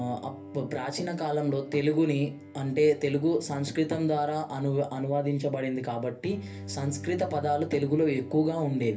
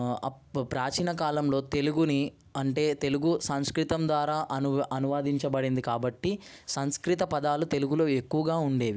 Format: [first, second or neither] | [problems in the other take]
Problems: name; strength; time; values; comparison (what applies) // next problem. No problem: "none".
second | background sound (Bowed string instrument); 16 dB below the speech // room echo; dies away in 0.3 s